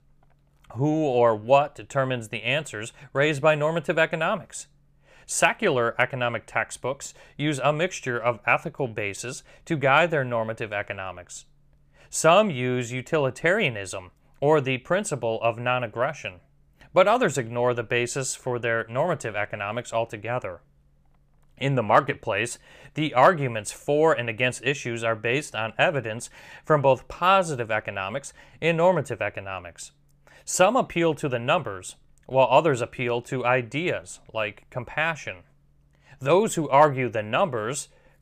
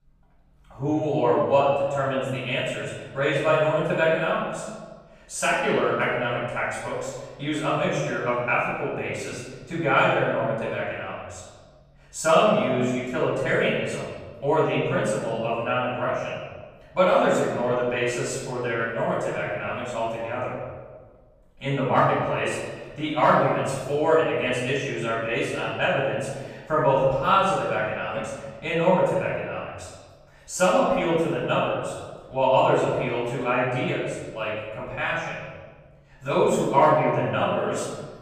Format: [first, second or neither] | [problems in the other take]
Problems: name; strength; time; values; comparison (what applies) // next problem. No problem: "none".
first | off-mic speech; far // room echo; strong; dies away in 1.3 s